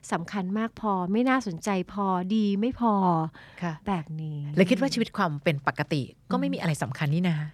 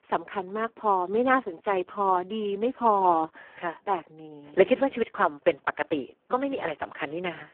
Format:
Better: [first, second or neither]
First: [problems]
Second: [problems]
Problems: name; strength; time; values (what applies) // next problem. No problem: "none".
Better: first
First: none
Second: phone-call audio; poor line